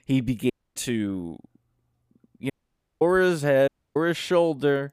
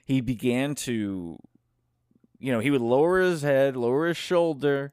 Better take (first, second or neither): second